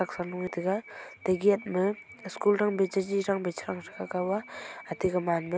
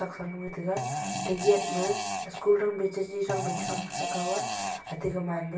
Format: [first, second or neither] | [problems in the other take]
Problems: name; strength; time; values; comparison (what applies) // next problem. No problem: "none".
first | background sound (Fart); 3 dB below the speech // room echo; dies away in 0.3 s